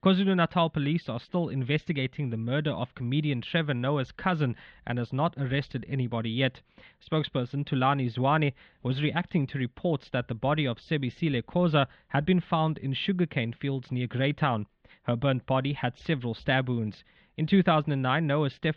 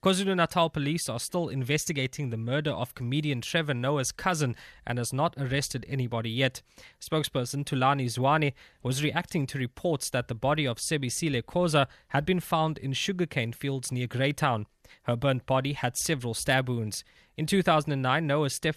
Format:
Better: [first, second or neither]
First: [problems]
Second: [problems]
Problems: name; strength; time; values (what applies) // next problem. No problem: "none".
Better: second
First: muffled; very; fading above 3.5 kHz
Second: none